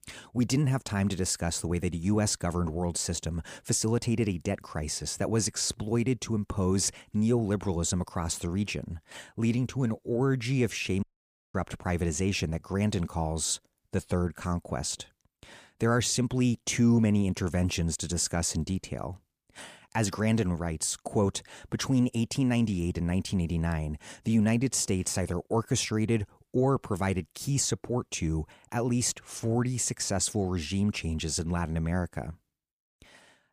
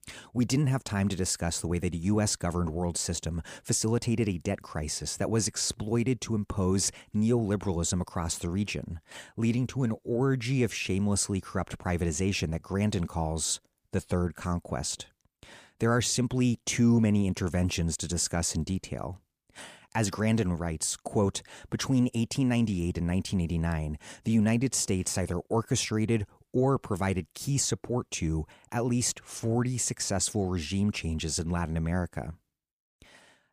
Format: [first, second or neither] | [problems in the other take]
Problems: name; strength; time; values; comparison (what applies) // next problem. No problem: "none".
second | audio cutting out; at 11 s for 0.5 s